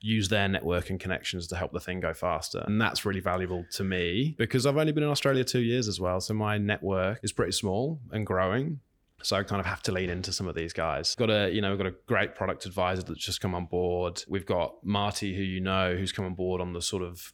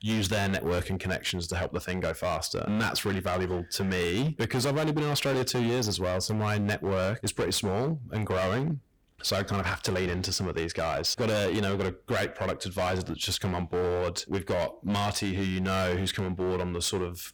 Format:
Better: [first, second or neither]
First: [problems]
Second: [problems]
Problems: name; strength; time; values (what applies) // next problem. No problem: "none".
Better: first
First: none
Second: distortion; heavy; 19% of the sound clipped